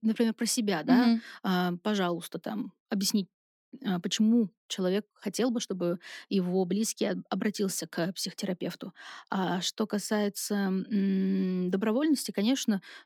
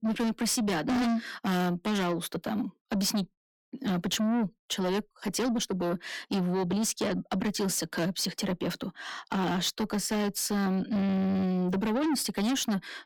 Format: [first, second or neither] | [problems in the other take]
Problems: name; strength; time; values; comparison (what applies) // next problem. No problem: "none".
first | distortion; heavy; 7 dB below the speech